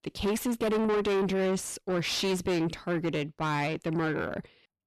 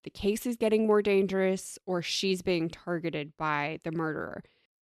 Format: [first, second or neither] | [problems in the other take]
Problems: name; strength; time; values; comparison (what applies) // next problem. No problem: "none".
second | distortion; heavy; 6 dB below the speech